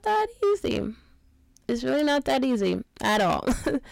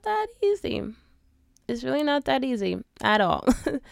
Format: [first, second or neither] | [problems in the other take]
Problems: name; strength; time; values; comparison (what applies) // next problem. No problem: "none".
second | distortion; heavy; 11% of the sound clipped